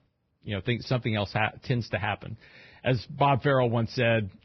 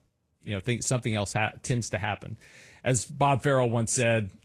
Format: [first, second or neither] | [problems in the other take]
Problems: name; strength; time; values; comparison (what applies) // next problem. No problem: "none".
second | garbled, watery; badly; nothing above 5.5 kHz; slightly in the second